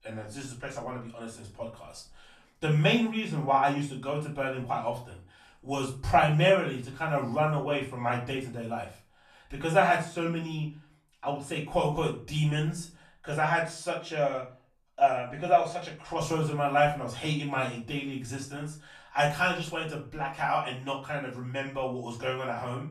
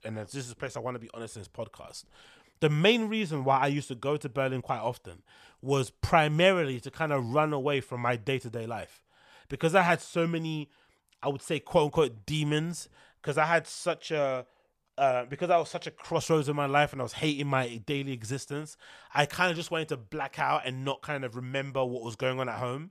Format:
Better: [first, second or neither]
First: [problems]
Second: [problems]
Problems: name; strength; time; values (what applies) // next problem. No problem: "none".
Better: second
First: off-mic speech; far // room echo; slight; dies away in 0.3 s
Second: none